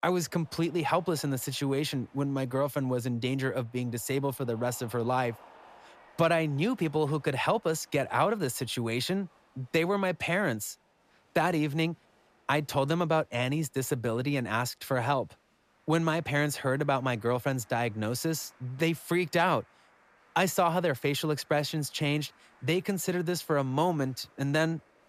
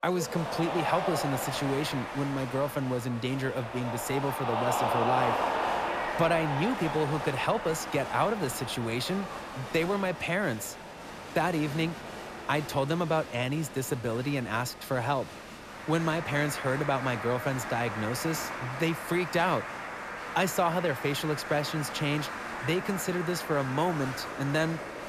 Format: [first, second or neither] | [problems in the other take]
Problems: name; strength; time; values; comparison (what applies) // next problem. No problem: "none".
first | crowd noise; loud; throughout; 5 dB below the speech; faint in the first